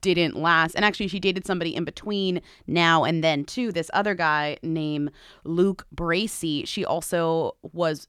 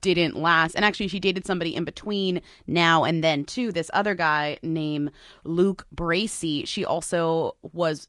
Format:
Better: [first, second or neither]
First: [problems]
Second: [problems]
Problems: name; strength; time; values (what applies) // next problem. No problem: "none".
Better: first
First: none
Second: garbled, watery; slightly; nothing above 10.5 kHz